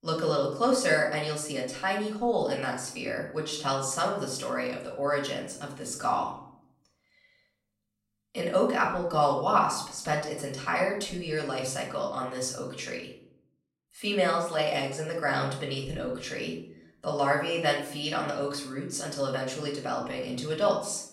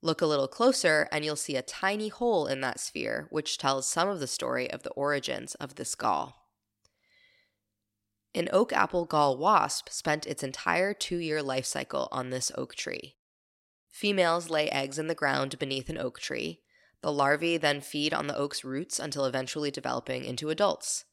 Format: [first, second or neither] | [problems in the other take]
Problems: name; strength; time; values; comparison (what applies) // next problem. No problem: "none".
second | off-mic speech; far // room echo; slight; dies away in 0.5 s